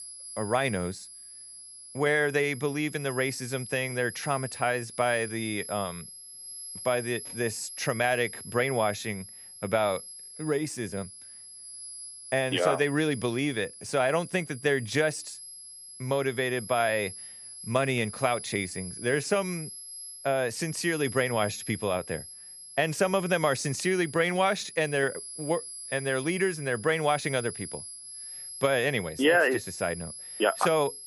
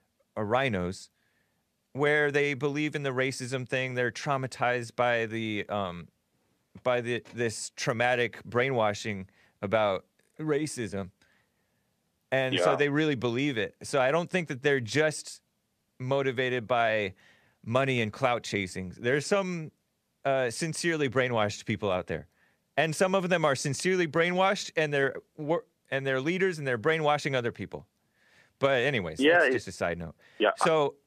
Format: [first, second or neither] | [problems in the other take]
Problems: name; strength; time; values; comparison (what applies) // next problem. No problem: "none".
second | high-pitched whine; noticeable; throughout; 11 kHz, 10 dB below the speech